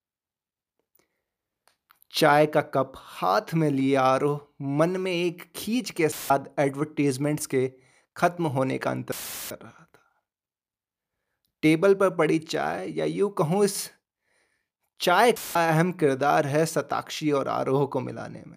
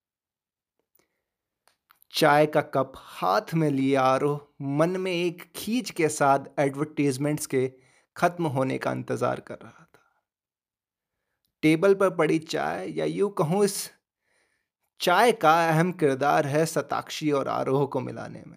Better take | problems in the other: second | audio cutting out; filled with static; at 6 s, at 9 s and at 15 s

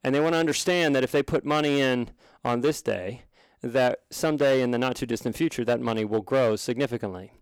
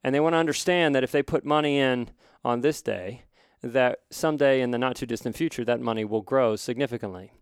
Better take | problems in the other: second | distortion; slight; 6% of the sound clipped

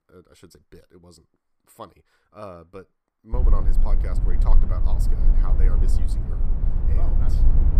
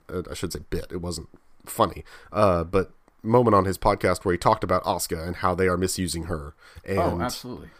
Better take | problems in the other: second | low rumble; loud; from 3.5 s on; 2 dB below the speech

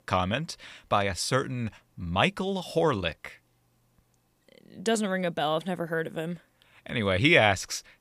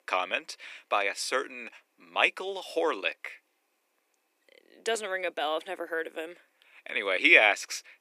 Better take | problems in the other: first | thin; very; fading below 300 Hz

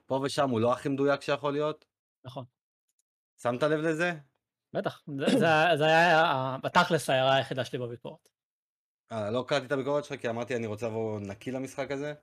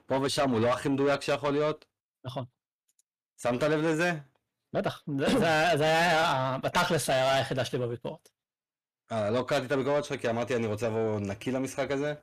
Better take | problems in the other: first | distortion; heavy; 7 dB below the speech

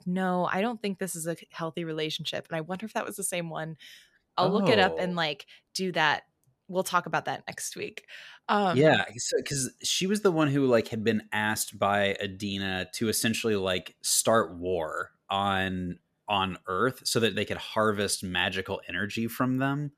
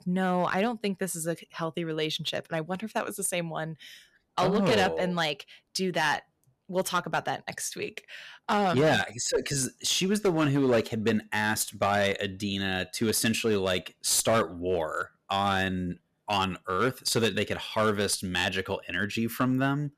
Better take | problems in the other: first | distortion; slight; 4% of the sound clipped

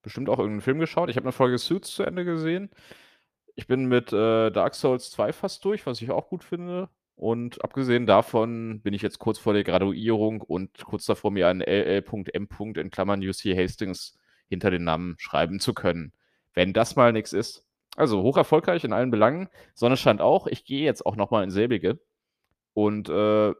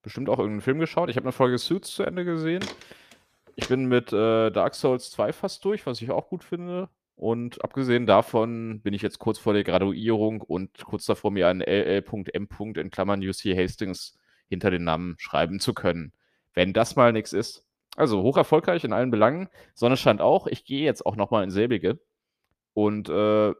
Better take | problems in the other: first | footsteps; faint; from 2.5 to 3.5 s; peak 10 dB below the speech

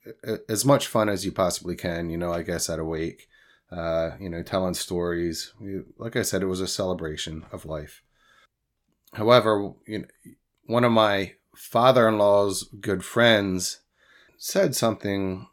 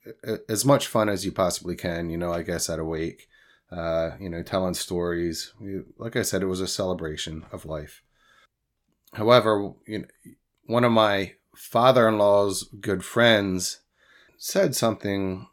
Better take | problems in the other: neither | none

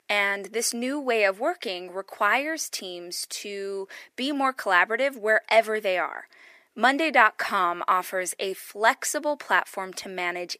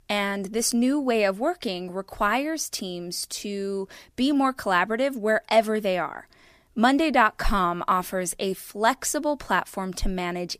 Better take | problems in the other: second | thin; somewhat; fading below 400 Hz

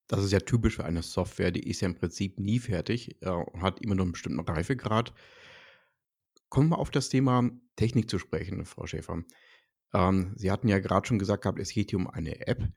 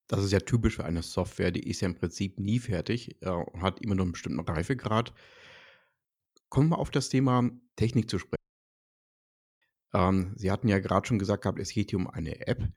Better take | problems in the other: first | audio cutting out; at 8.5 s for 1.5 s

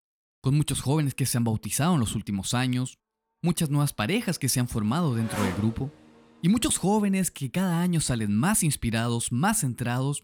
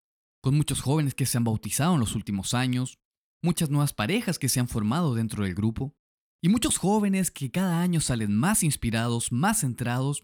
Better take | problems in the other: second | traffic noise; noticeable; throughout; 15 dB below the speech

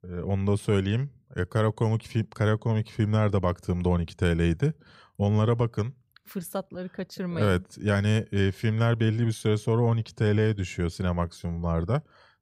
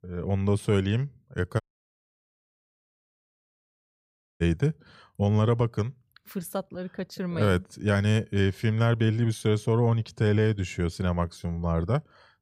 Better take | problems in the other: first | audio cutting out; at 1.5 s for 3 s

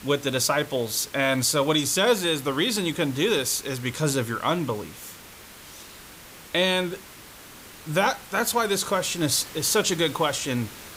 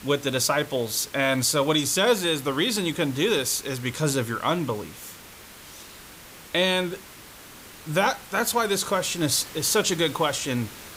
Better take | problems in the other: neither | hiss; noticeable; throughout; 20 dB below the speech; the same in both

